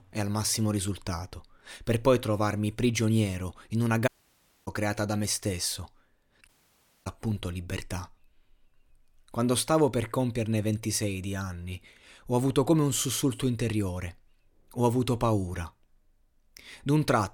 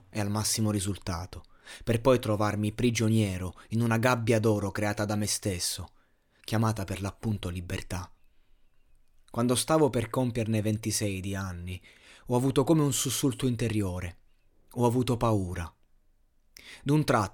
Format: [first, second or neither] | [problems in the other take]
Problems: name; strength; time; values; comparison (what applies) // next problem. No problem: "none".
second | audio cutting out; at 4 s for 0.5 s and at 6.5 s for 0.5 s